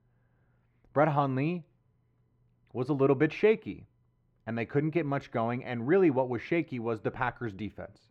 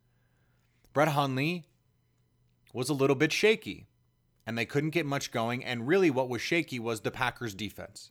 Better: second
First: muffled; very; fading above 4 kHz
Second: none

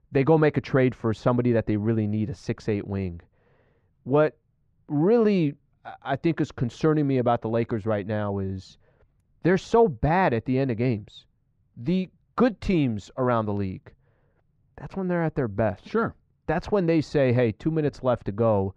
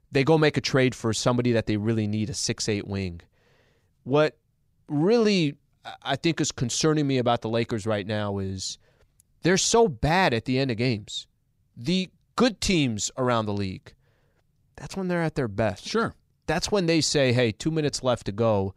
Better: second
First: muffled; very; fading above 3.5 kHz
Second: none

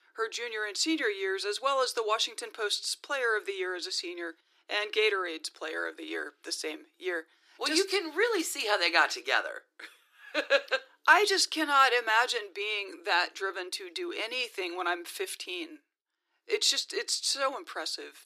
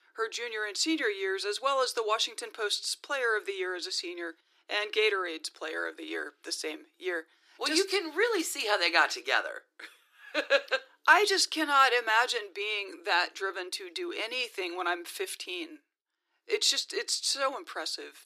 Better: neither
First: thin; very; fading below 300 Hz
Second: thin; very; fading below 300 Hz

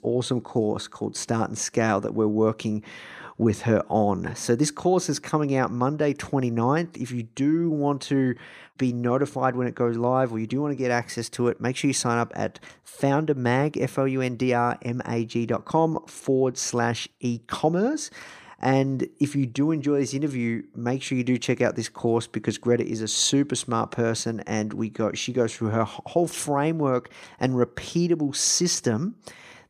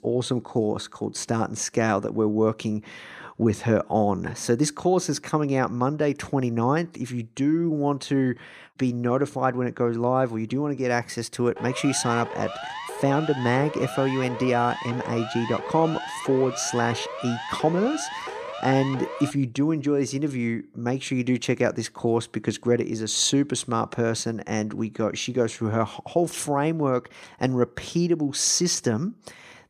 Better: first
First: none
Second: siren; noticeable; from 12 to 19 s; peak 8 dB below the speech

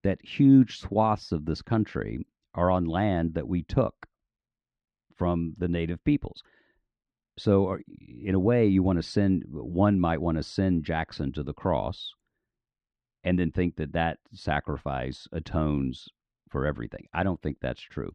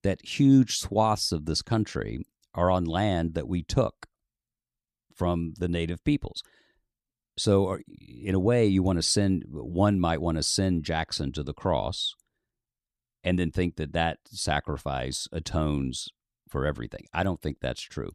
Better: second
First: muffled; slightly; fading above 2 kHz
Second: none

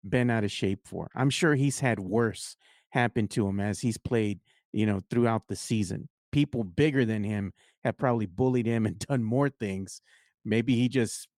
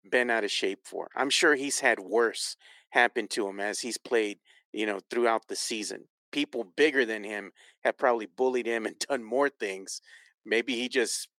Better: first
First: none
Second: thin; very; fading below 350 Hz

